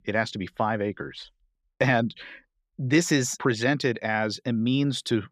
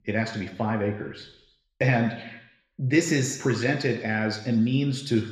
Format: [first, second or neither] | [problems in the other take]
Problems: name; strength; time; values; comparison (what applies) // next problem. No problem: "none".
first | room echo; slight; dies away in 0.8 s